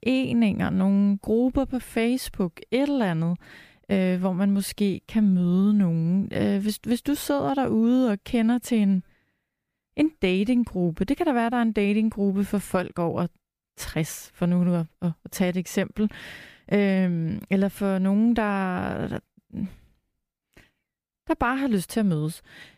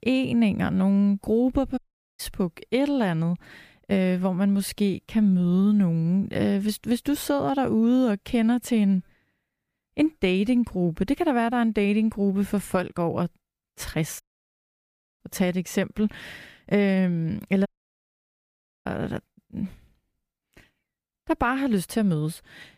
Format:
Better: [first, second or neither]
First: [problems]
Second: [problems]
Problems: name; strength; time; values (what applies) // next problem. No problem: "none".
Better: first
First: none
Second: audio cutting out; at 2 s, at 14 s for 1 s and at 18 s for 1 s